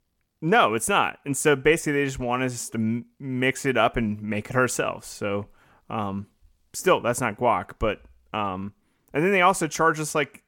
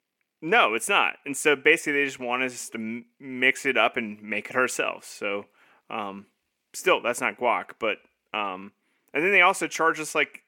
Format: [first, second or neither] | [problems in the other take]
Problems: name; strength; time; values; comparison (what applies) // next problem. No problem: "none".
first | thin; very slightly; fading below 300 Hz